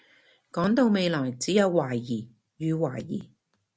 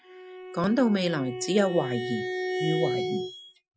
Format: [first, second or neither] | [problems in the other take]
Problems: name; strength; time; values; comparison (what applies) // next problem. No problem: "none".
first | noise reduction (classical method Wiener filter)